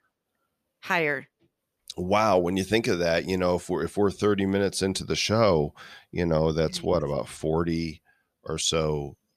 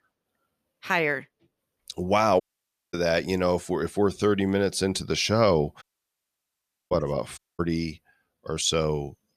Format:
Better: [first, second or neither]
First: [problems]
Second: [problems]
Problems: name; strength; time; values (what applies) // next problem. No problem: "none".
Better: first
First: none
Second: audio cutting out; at 2.5 s for 0.5 s, at 6 s for 1 s and at 7.5 s